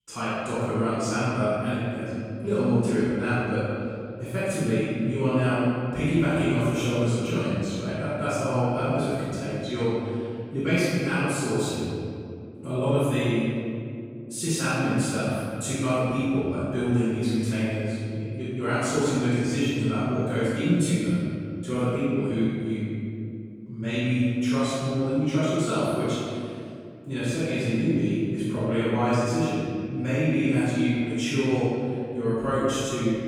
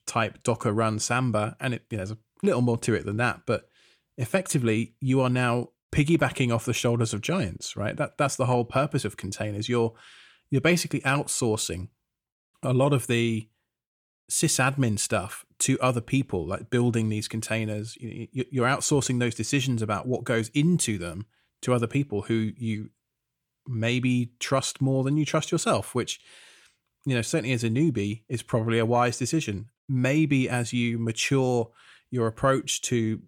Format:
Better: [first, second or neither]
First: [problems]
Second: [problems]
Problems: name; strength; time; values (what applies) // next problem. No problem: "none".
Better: second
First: off-mic speech; far // room echo; strong; dies away in 2.4 s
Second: none